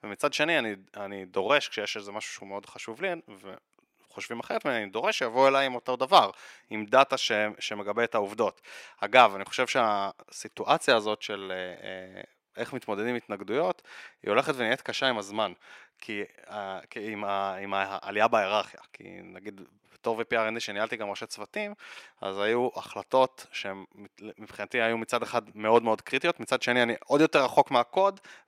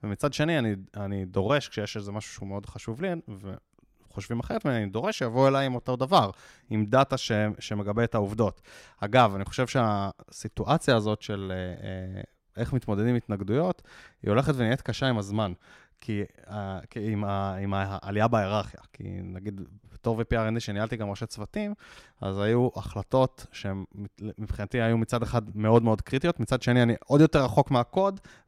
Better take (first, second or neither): second